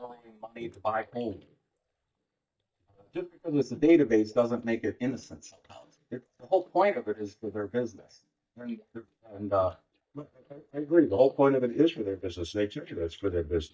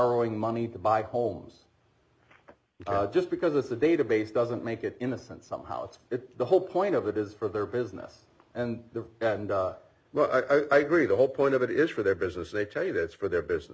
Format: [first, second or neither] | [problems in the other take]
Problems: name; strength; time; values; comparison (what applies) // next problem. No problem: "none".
second | noise reduction (neural mask model DeepFilterNet 3)